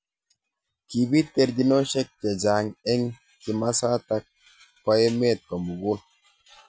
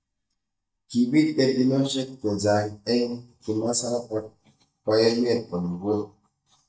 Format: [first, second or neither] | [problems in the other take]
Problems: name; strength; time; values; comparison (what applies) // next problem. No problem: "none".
first | noise reduction (neural mask model DeepFilterNet 3)